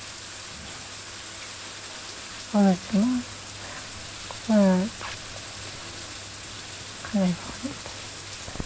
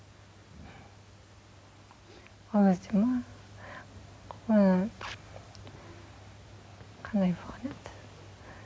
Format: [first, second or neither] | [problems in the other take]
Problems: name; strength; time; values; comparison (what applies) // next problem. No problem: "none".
second | background sound (Bathtub (filling or washing)); 10 dB below the speech